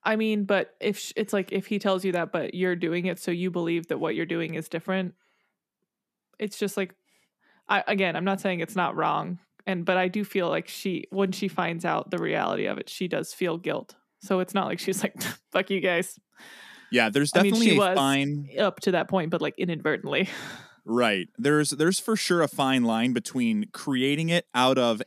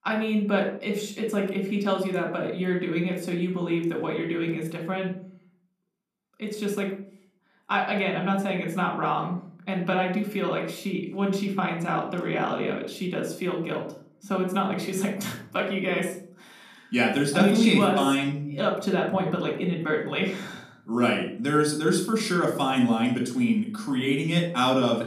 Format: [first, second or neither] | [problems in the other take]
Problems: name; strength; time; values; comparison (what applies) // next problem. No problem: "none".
first | off-mic speech; somewhat distant // room echo; slight; dies away in 0.5 s